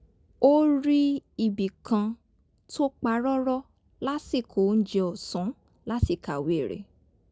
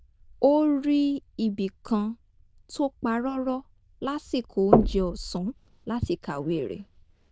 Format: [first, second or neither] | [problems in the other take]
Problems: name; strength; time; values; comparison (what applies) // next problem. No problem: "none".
first | noise reduction (neural diffusion model UNIVERSE++)